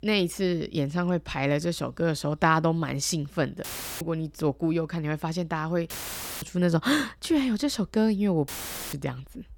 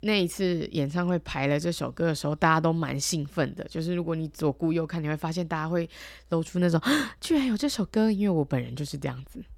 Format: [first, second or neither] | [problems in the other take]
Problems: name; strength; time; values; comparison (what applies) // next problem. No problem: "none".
second | audio cutting out; filled with static; at 3.5 s, at 6 s for 0.5 s and at 8.5 s